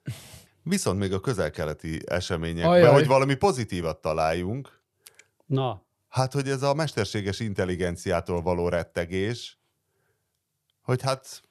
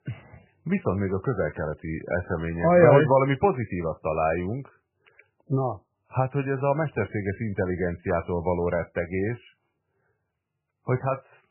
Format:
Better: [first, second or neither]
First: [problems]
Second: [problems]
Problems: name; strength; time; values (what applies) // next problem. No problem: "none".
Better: first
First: none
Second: garbled, watery; badly; nothing above 2.5 kHz